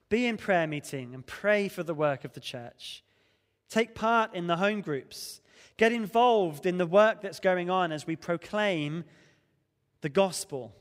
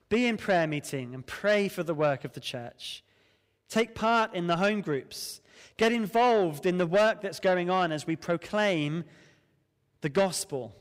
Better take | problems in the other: first | distortion; slight; 10 dB below the speech

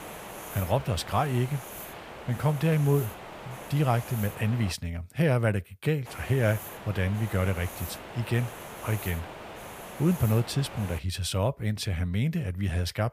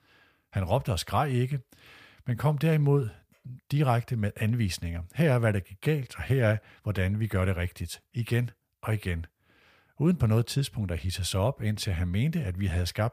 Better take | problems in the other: second | hiss; noticeable; until 4.5 s and from 6 to 11 s; 10 dB below the speech

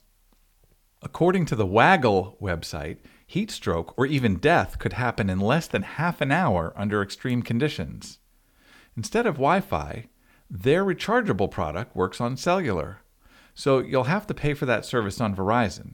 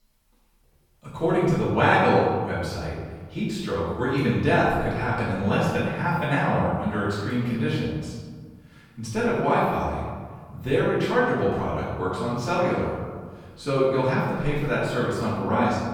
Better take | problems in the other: first | room echo; strong; dies away in 1.3 s // off-mic speech; far

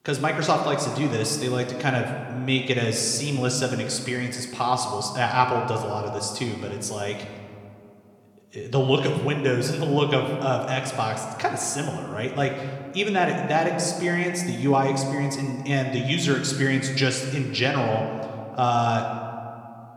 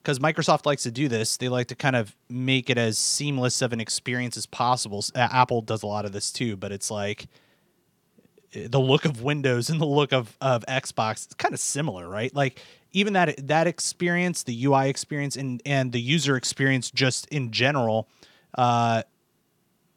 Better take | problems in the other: second | room echo; slight; dies away in 1.8 s

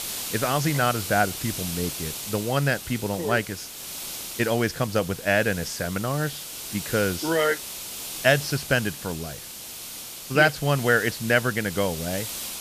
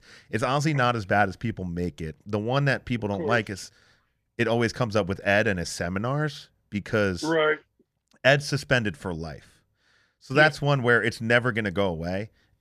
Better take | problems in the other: second | hiss; loud; throughout; 8 dB below the speech

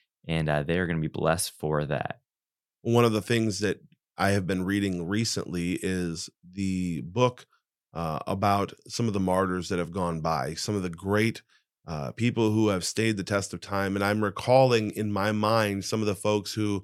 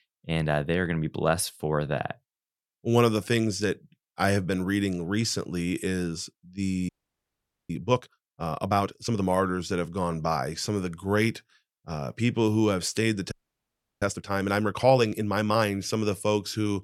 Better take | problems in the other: first | audio freezing; at 7 s for 1 s and at 13 s for 0.5 s

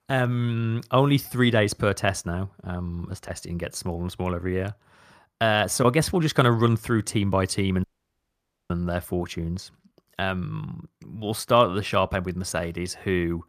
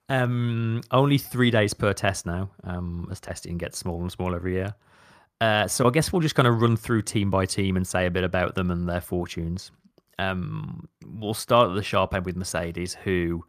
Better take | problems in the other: second | audio cutting out; at 8 s for 1 s

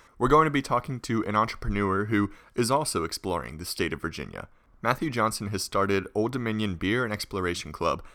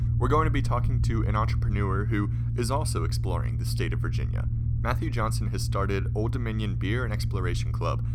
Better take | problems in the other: first | low rumble; noticeable; throughout; 10 dB below the speech

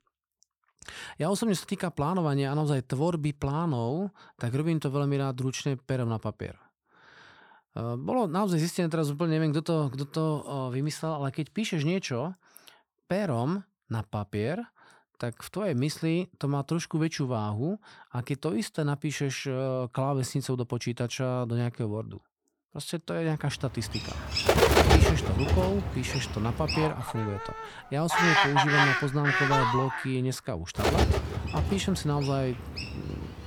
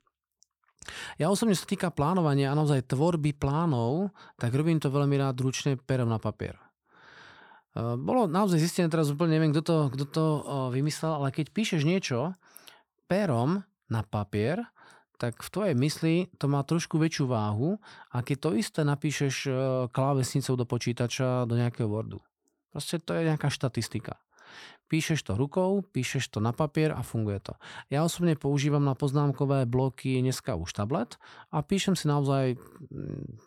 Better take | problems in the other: second | animal sounds; very loud; from 24 s on; 4 dB above the speech

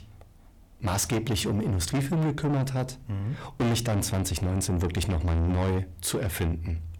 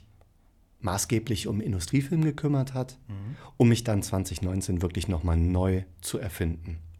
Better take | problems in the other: second | distortion; heavy; 6 dB below the speech

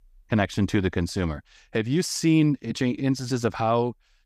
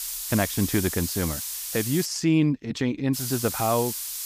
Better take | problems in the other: first | hiss; loud; until 2 s and from 3 s on; 4 dB below the speech

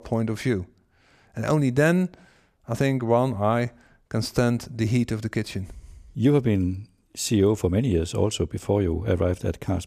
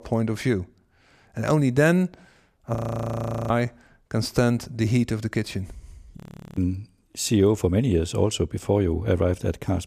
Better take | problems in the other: first | audio freezing; at 3 s for 1 s and at 6 s

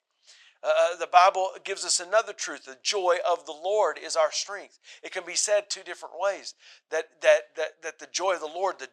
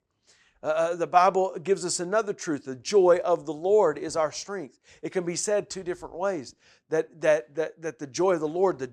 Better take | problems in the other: second | thin; very; fading below 850 Hz

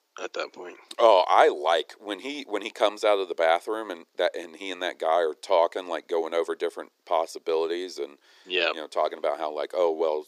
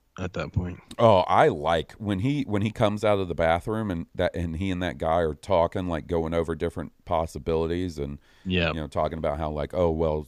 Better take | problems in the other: second | thin; very; fading below 350 Hz

